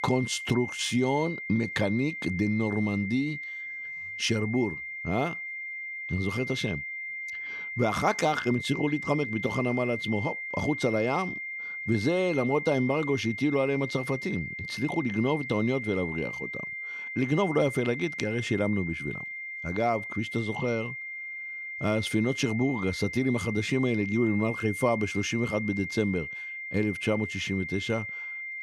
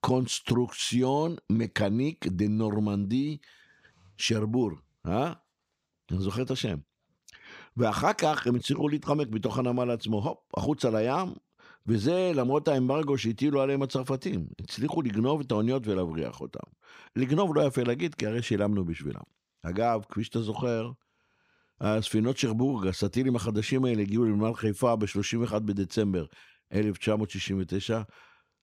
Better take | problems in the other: second | high-pitched whine; loud; throughout; 2 kHz, 6 dB below the speech

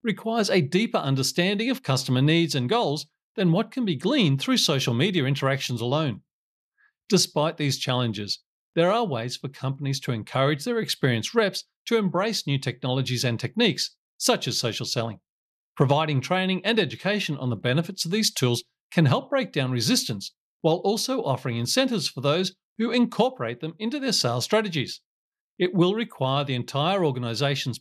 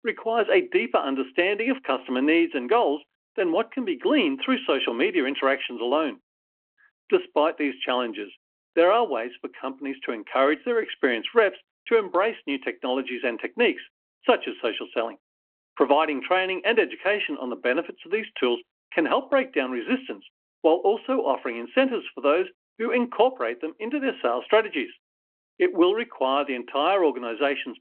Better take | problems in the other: first | phone-call audio

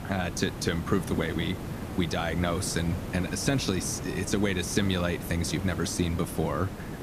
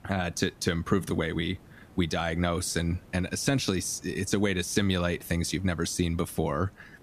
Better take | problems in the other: second | hiss; loud; throughout; 7 dB below the speech; faint in the second

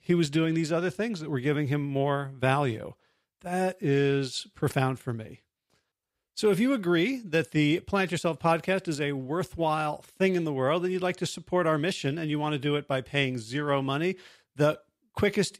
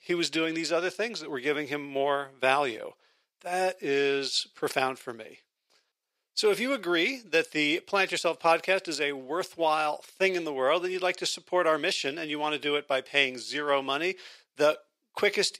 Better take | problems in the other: first | thin; somewhat; fading below 500 Hz

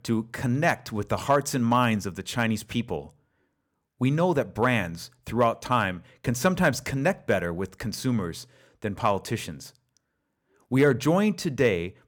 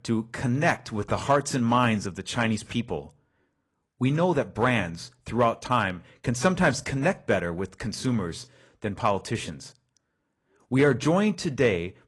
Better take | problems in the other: first | garbled, watery; slightly; nothing above 11.5 kHz

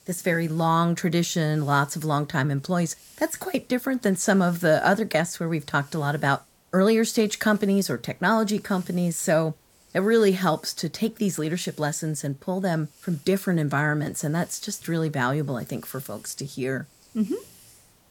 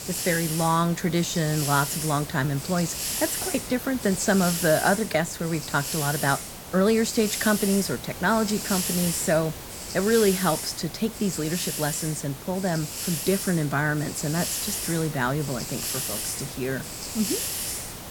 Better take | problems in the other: first | hiss; loud; throughout; 5 dB below the speech; faint in the first

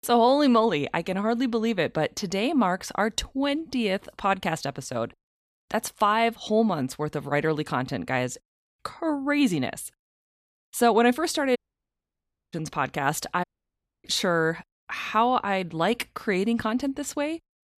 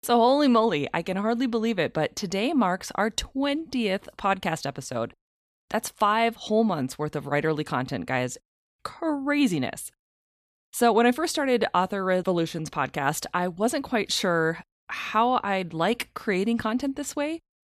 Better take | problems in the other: second | audio cutting out; at 12 s for 1 s and at 13 s for 0.5 s

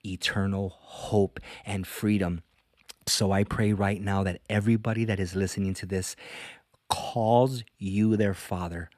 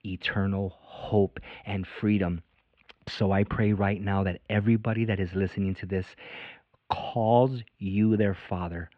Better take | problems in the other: first | muffled; very; fading above 3 kHz

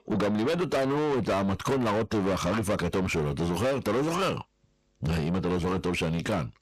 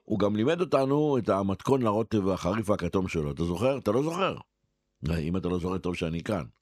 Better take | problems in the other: second | distortion; heavy; 6 dB below the speech

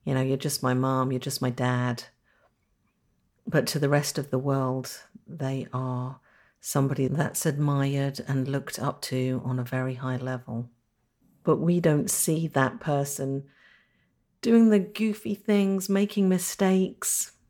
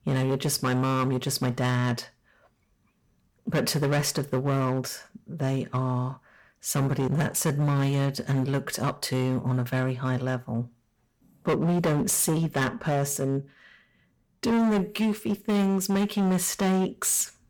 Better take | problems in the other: first | distortion; heavy; 13% of the sound clipped

